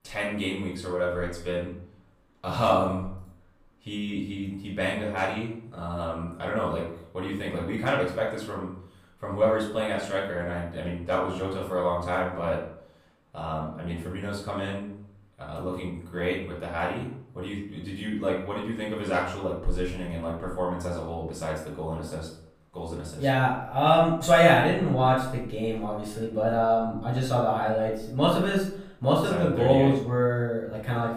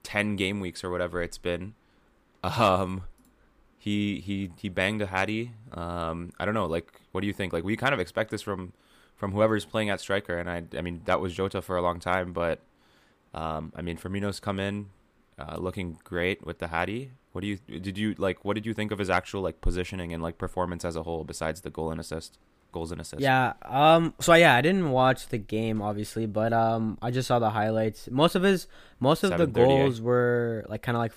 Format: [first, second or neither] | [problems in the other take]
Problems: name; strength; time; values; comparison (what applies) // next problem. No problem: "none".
second | room echo; noticeable; dies away in 0.5 s // off-mic speech; far